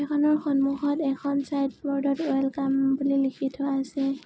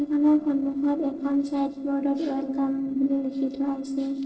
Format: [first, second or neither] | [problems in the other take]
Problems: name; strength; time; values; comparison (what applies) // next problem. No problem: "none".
first | noise reduction (neural separator model SepFormer DNS4)